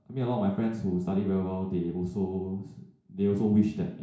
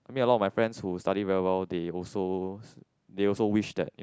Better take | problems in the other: second | room echo; dies away in 0.6 s

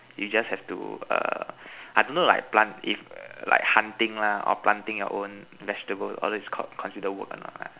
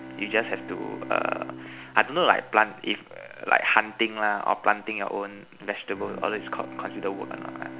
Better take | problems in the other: first | background sound (Bowed string instrument); 15 dB below the speech

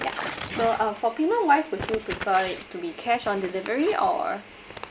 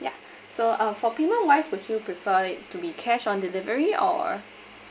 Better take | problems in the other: second | background sound (Crumpling, crinkling / Tearing); 12 dB below the speech

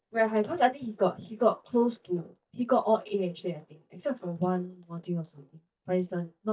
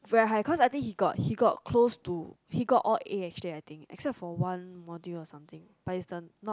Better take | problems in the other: second | noise reduction (neural mask model DeepFilterNet 3)

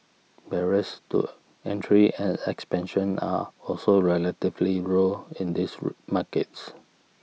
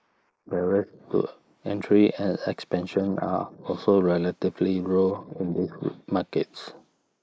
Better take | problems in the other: first | noise reduction (neural mask model Resemble Enhance denoiser)

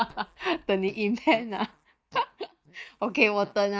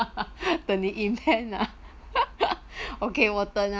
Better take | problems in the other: second | noise reduction (neural mask model DeepFilterNet 3)

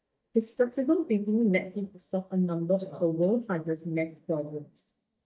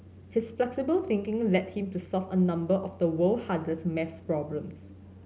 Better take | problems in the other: second | noise reduction (neural mask model DeepFilterNet 3)

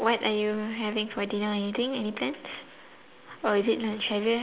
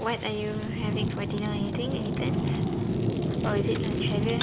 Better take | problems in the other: first | background sound (Fire); 5 dB above the speech

